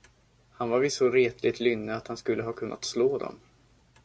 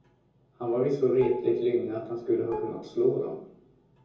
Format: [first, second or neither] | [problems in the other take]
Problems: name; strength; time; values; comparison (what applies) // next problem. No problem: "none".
first | background sound (Dishes, pots, and pans); 13 dB below the speech // room echo; dies away in 0.7 s